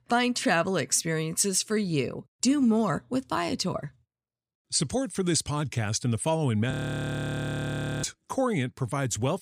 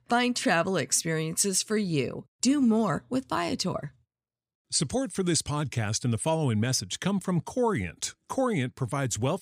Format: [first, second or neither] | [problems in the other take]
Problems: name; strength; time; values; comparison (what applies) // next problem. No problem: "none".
second | audio freezing; at 6.5 s for 1.5 s